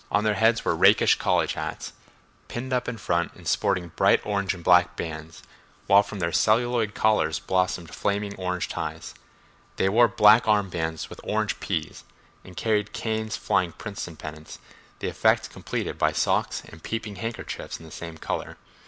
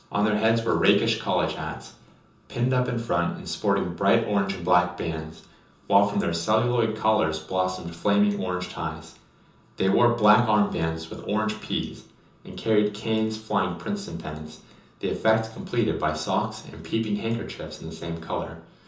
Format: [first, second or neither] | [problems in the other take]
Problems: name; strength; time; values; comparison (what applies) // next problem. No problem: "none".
first | room echo; dies away in 0.6 s